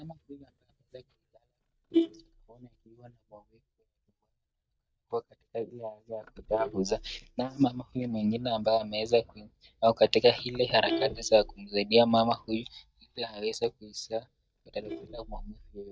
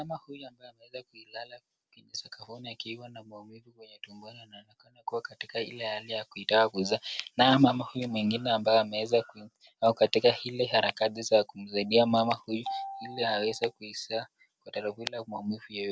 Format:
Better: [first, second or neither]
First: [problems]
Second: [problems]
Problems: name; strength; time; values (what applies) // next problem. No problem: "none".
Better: second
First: noise reduction (neural mask model DeepFilterNet 3)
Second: none